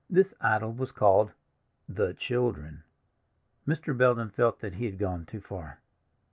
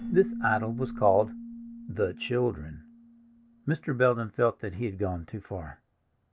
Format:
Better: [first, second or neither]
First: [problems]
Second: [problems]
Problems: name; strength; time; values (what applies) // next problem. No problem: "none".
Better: first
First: none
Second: background sound (Keyboard (musical)); 12 dB below the speech